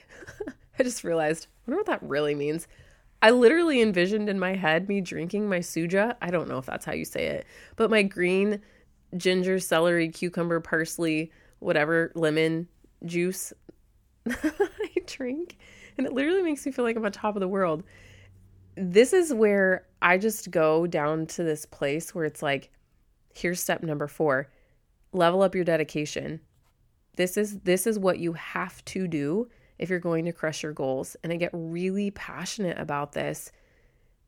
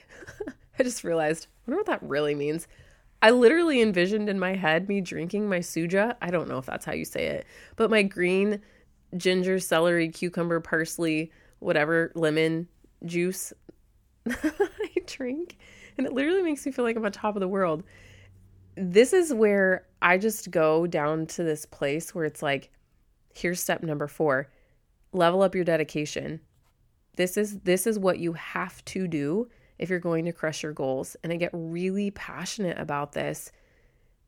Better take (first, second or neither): neither